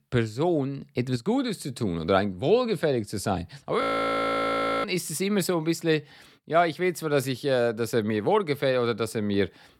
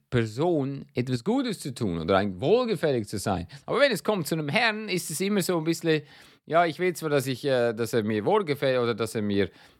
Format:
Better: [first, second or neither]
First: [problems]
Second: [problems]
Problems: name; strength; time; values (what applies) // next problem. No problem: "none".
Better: second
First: audio freezing; at 4 s for 1 s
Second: none